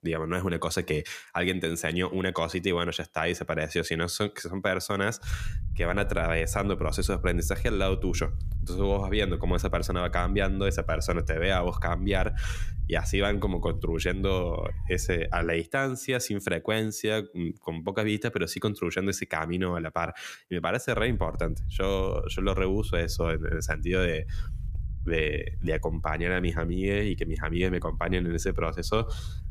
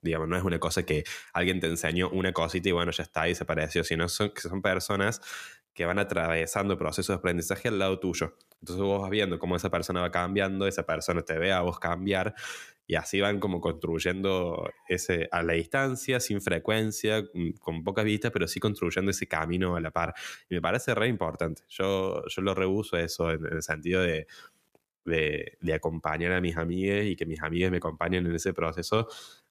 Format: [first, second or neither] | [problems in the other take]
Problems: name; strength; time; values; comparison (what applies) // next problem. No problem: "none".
second | low rumble; faint; from 5 to 15 s and from 21 s on; 25 dB below the speech